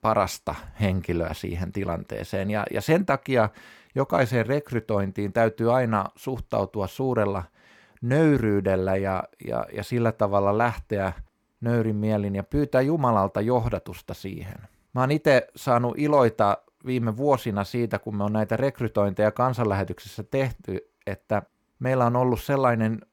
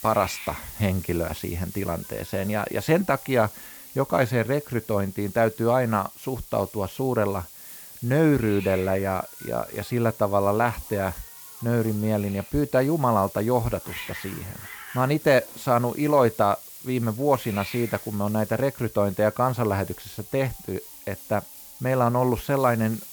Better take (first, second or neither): first